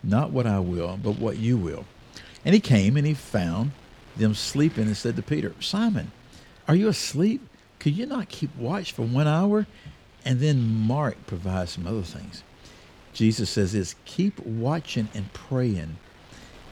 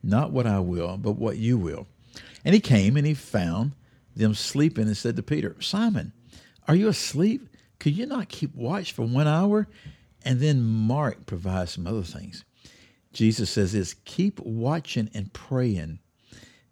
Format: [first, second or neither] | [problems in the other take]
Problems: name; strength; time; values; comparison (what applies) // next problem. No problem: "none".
second | wind noise on the microphone; occasional gusts; 20 dB below the speech